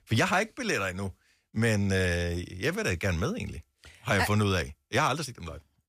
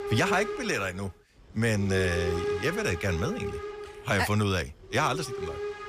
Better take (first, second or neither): first